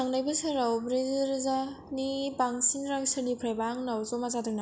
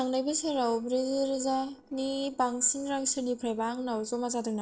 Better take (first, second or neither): first